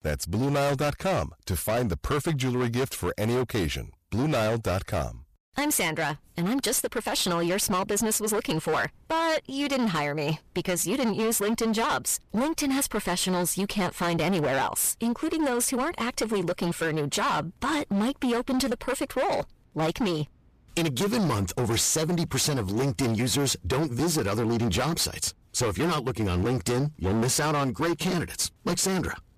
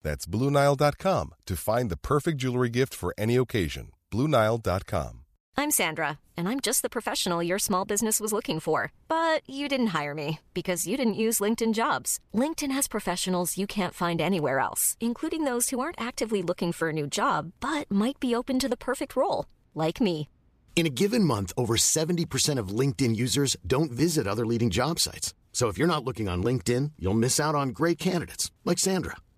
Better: second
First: distortion; heavy; 23% of the sound clipped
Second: none

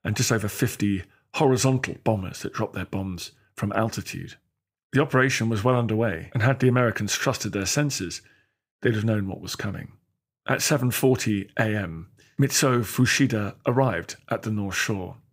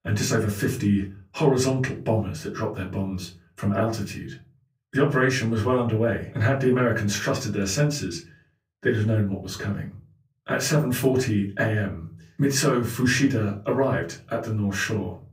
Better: first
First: none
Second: off-mic speech; far // room echo; very slight; dies away in 0.3 s

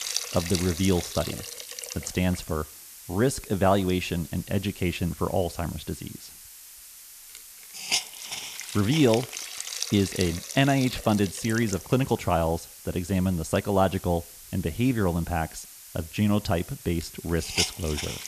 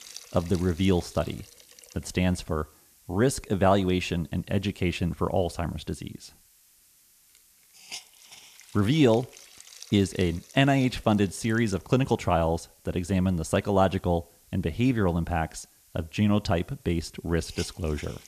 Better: second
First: hiss; loud; throughout; 9 dB below the speech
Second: hiss; faint; throughout; 20 dB below the speech

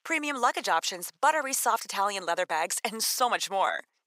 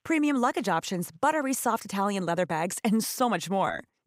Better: second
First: thin; very; fading below 650 Hz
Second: none

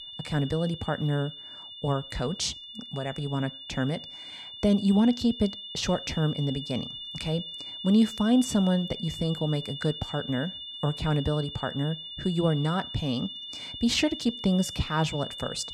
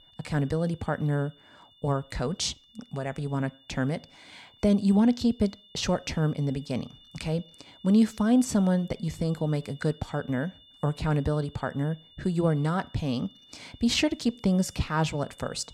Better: second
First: high-pitched whine; loud; throughout; 3.5 kHz, 10 dB below the speech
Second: high-pitched whine; faint; throughout; 3.5 kHz, 25 dB below the speech

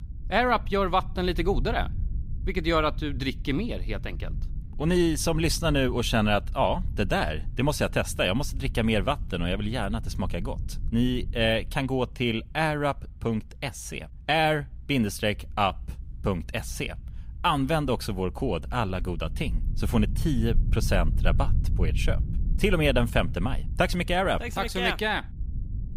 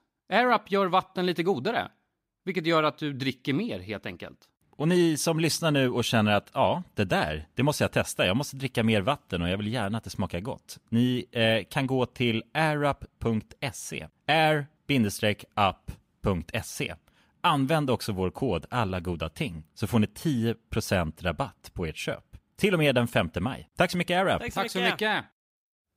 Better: second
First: low rumble; faint; throughout; 25 dB below the speech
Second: none

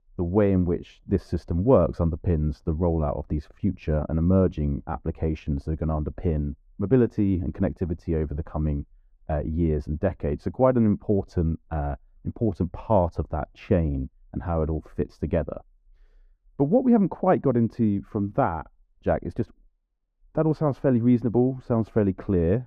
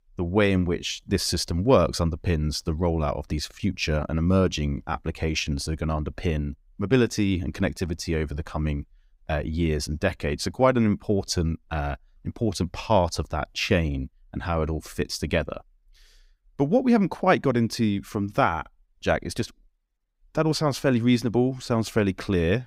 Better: second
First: muffled; very; fading above 2 kHz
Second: none

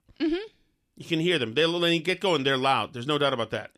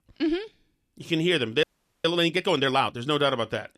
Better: first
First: none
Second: audio freezing; at 1.5 s

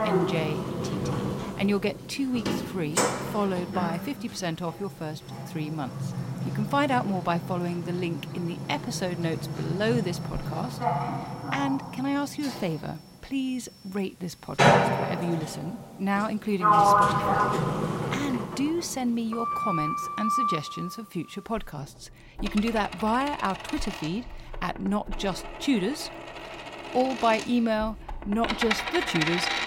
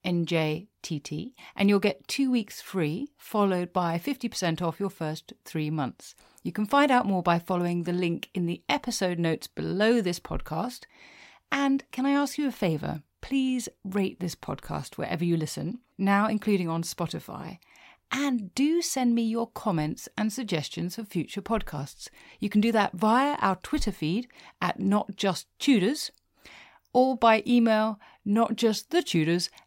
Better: second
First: household noises; very loud; throughout; 1 dB above the speech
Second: none

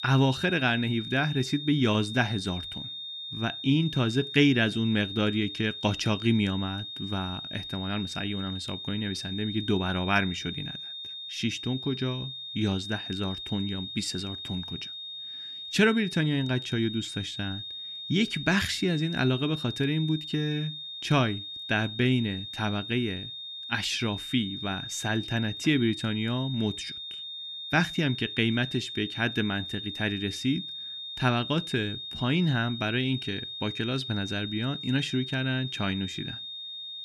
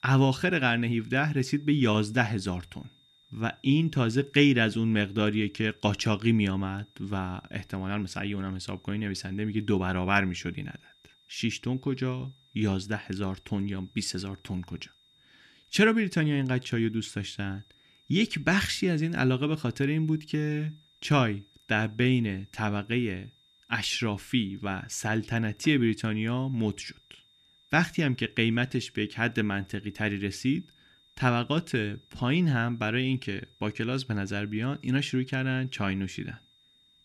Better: second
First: high-pitched whine; loud; throughout; 3.5 kHz, 7 dB below the speech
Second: high-pitched whine; faint; throughout; 3.5 kHz, 30 dB below the speech

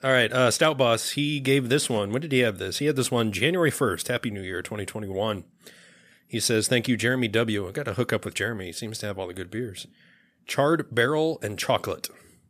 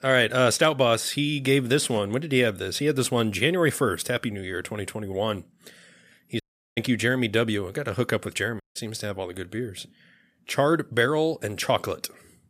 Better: first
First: none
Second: audio cutting out; at 6.5 s and at 8.5 s

